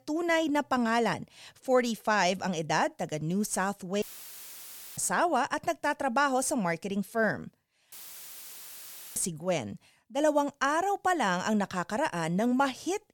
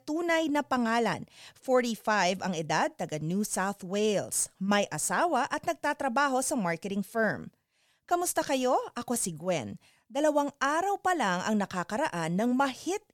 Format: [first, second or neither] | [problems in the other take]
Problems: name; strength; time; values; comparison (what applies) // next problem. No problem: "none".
second | audio cutting out; filled with static; at 4 s for 1 s and at 8 s for 1 s